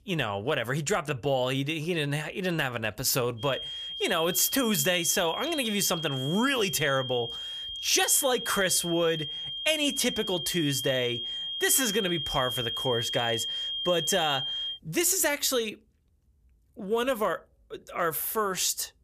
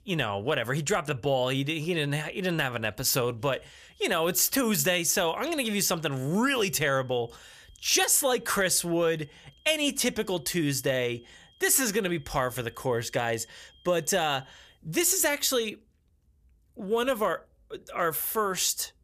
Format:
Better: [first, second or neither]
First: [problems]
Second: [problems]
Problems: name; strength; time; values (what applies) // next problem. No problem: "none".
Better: second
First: high-pitched whine; loud; from 3.5 to 15 s; 3 kHz, 5 dB below the speech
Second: high-pitched whine; faint; from 3.5 to 15 s; 3 kHz, 30 dB below the speech